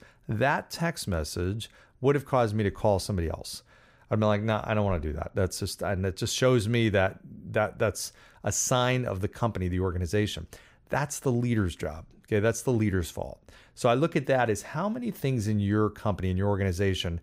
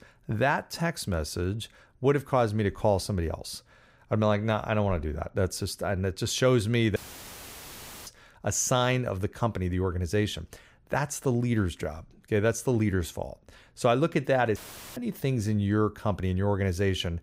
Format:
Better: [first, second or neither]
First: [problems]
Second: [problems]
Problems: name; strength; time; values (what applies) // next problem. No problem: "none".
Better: first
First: none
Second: audio cutting out; filled with static; at 7 s for 1 s and at 15 s